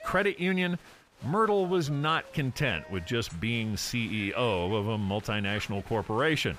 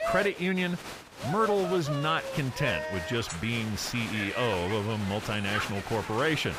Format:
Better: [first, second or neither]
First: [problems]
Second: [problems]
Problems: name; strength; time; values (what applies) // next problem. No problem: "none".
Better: first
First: crowd noise; faint; throughout; 20 dB below the speech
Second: crowd noise; loud; throughout; 7 dB below the speech